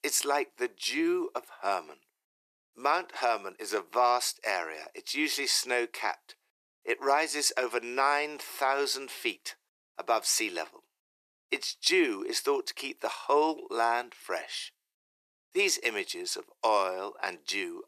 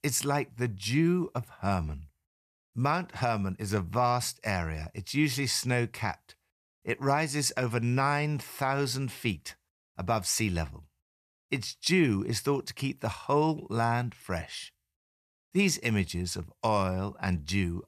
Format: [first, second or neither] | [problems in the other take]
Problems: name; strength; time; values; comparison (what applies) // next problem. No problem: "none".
second | thin; very; fading below 350 Hz